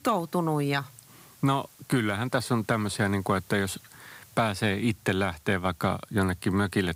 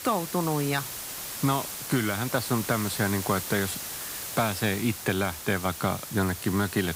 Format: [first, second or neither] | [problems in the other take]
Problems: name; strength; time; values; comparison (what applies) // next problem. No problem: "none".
first | hiss; loud; throughout; 6 dB below the speech; faint in the first